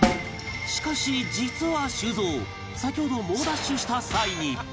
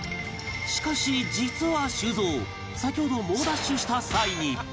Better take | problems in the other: second | background sound (Snare drum); 3 dB below the speech

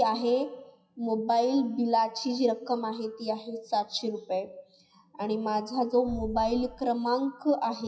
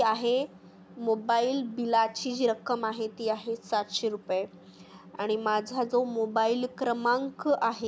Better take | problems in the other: second | noise reduction (classical method WPE with log-MMSE)

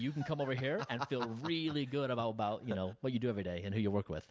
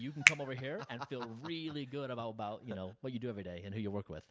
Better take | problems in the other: first | background sound (Finger snapping); 4 dB above the speech

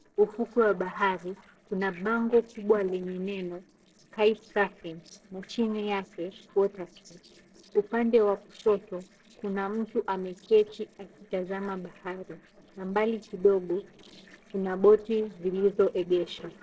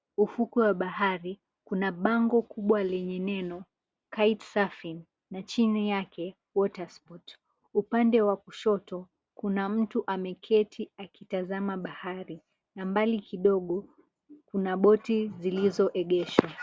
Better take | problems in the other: second | noise reduction (neural separator model SepFormer DNS4)

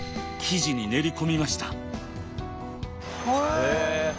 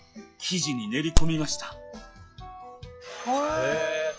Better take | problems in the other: first | noise reduction (classical method log-MMSE)

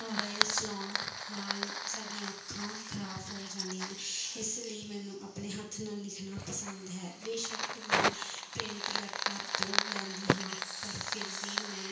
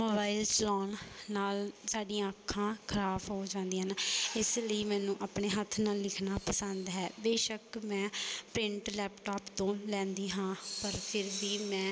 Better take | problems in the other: second | background sound (Fire); 3 dB above the speech // room echo; dies away in 0.5 s

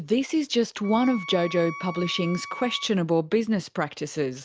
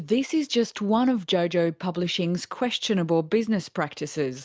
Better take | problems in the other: second | background sound (Wind instrument, woodwind instrument); 14 dB below the speech

